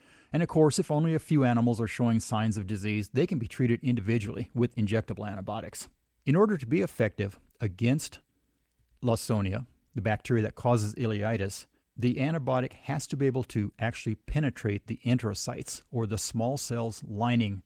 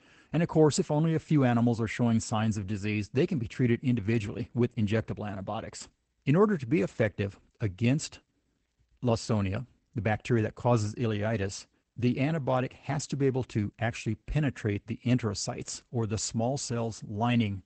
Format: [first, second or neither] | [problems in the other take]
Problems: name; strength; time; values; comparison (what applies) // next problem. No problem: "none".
first | garbled, watery; badly; nothing above 8 kHz; slightly in the first